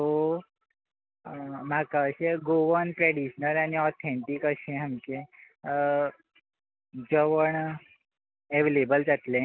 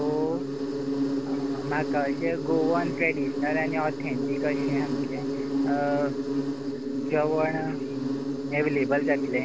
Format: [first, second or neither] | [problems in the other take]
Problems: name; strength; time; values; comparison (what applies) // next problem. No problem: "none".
first | background sound (Insect); 1 dB above the speech